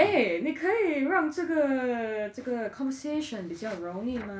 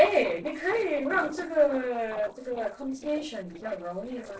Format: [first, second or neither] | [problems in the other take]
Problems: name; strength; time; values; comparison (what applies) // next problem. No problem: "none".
first | noise reduction (neural separator model SepFormer DNS4)